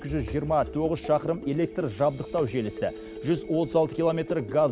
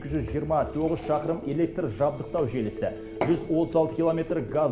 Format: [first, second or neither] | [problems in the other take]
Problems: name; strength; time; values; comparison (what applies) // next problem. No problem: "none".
first | background sound (Fill (with liquid) / Glass / Water); 15 dB below the speech // room echo; dies away in 0.7 s